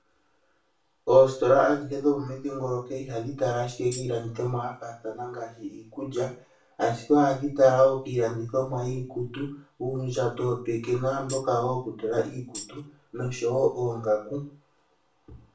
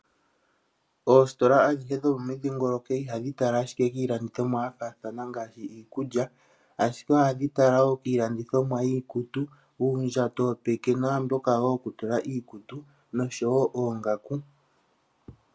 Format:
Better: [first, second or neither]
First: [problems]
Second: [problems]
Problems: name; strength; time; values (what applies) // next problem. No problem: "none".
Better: second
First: background sound (Tambourine); 15 dB below the speech // room echo; dies away in 0.3 s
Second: none